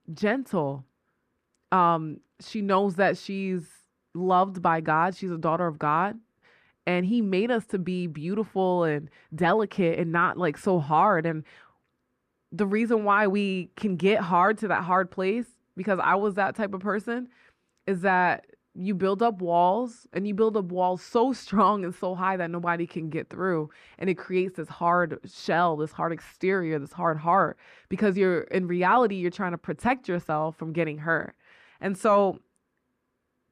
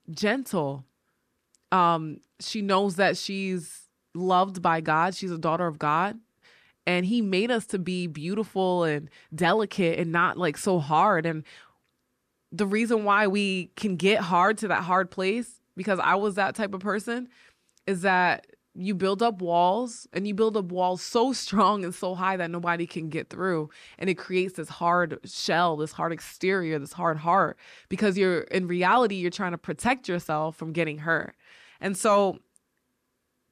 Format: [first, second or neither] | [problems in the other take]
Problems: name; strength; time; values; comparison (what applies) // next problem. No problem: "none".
second | muffled; slightly; fading above 3 kHz